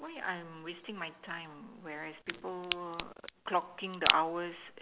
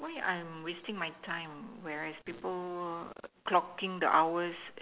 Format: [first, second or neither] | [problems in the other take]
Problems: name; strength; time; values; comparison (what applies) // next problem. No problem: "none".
second | background sound (Crack); 1 dB above the speech